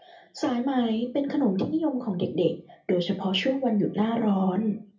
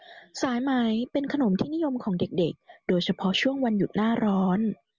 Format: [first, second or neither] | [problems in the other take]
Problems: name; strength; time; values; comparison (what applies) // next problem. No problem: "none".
second | room echo; dies away in 0.3 s